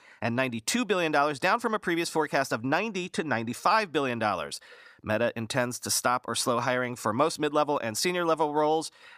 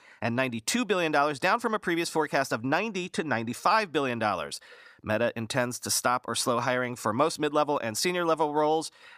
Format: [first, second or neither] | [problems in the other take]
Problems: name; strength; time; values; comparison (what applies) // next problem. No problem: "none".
neither | none